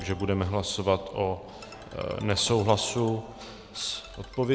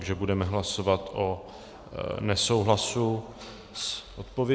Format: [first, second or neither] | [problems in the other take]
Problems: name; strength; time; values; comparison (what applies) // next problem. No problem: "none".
second | background sound (Slam + Ringtone); 19 dB below the speech